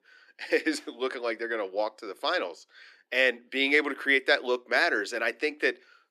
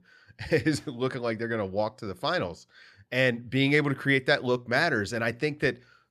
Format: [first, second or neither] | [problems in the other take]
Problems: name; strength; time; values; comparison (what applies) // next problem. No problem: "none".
second | thin; somewhat; fading below 300 Hz